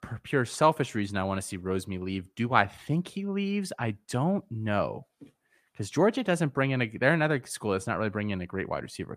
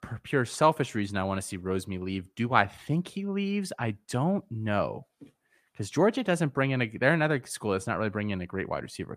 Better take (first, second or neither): neither